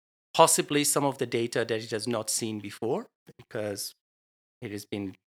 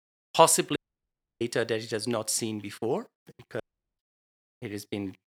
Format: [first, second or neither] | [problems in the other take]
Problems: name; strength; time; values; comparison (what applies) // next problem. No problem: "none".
first | audio cutting out; at 1 s for 0.5 s and at 3.5 s